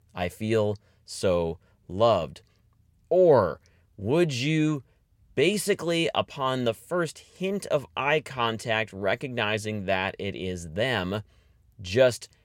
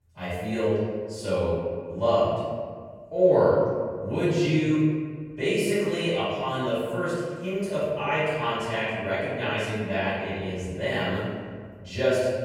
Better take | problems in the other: first | room echo; strong; dies away in 1.6 s // off-mic speech; far

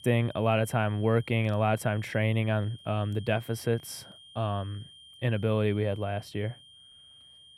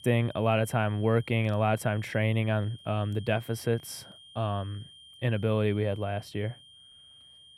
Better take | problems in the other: neither | high-pitched whine; faint; throughout; 3 kHz, 20 dB below the speech; the same in both

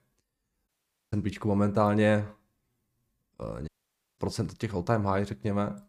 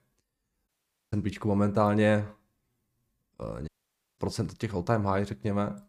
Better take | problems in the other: neither | audio cutting out; at 0.5 s and at 3.5 s; the same in both

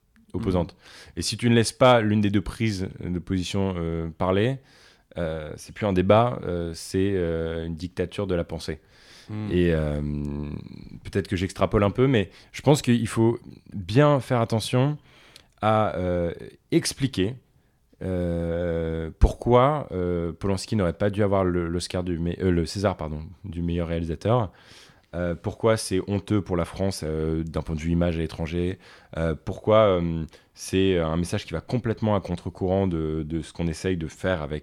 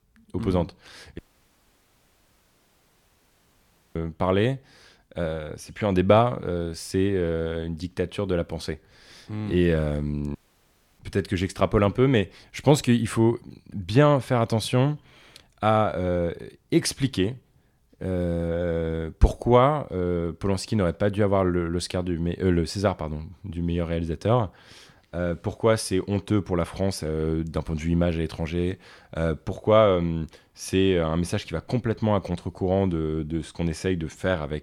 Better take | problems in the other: first | audio cutting out; at 1 s for 3 s and at 10 s for 0.5 s

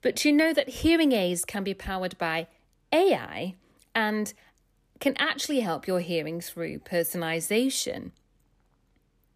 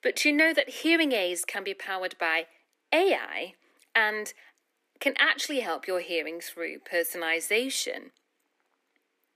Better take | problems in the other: first | thin; somewhat; fading below 300 Hz

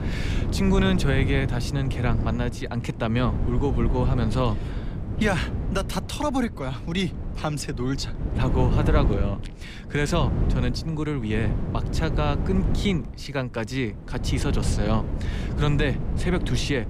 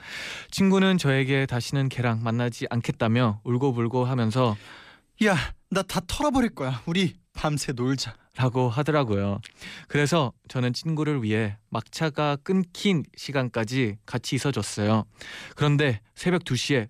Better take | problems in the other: second | wind noise on the microphone; heavy; 8 dB below the speech

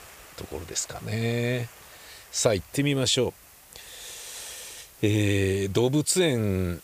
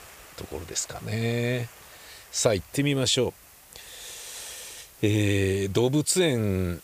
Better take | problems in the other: neither | hiss; faint; throughout; 25 dB below the speech; the same in both

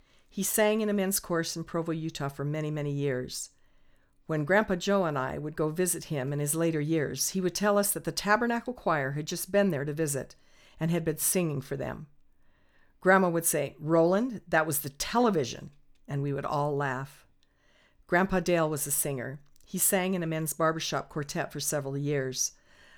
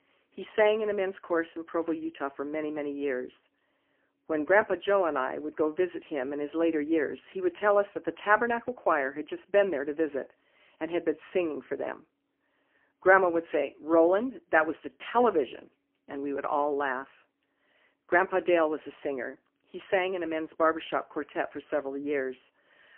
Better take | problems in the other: first | phone-call audio; poor line; nothing above 3 kHz

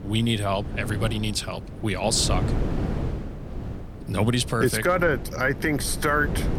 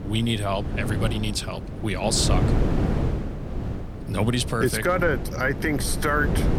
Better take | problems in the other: first | wind noise on the microphone; heavy; 9 dB below the speech; occasional gusts in the first

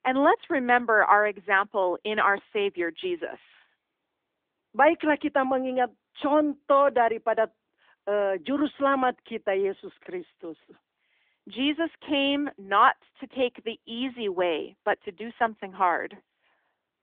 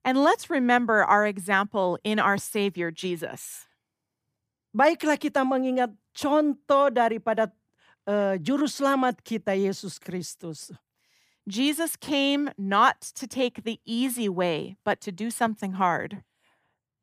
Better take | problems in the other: second | phone-call audio; nothing above 3.5 kHz

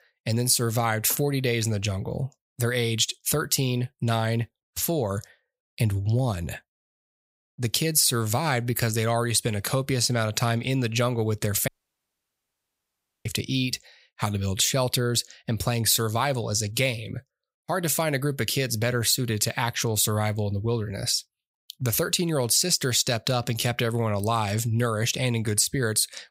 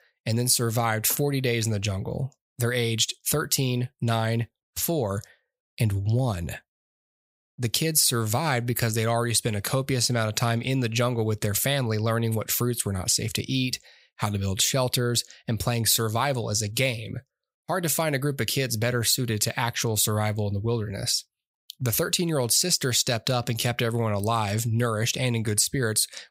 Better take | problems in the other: second | audio cutting out; at 12 s for 1.5 s

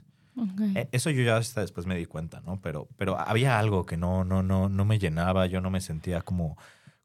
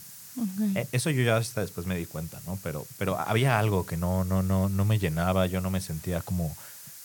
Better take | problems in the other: first | hiss; noticeable; throughout; 15 dB below the speech

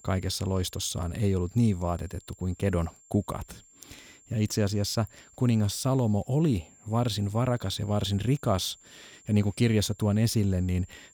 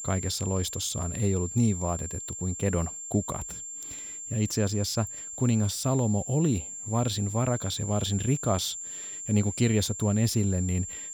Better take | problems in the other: first | high-pitched whine; loud; throughout; 7.5 kHz, 7 dB below the speech; faint in the first

